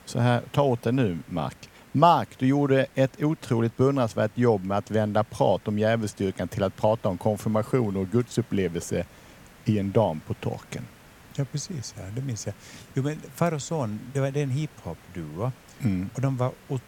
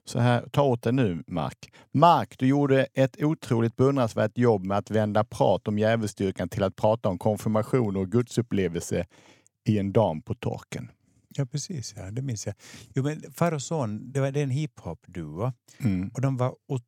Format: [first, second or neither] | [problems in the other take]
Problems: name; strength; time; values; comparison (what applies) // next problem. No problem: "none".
second | hiss; faint; throughout; 25 dB below the speech